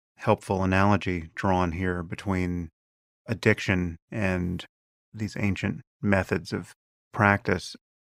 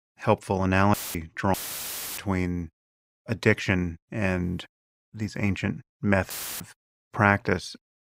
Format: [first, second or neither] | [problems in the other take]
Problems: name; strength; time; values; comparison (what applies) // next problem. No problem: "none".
first | audio cutting out; filled with static; at 1 s, at 1.5 s for 0.5 s and at 6.5 s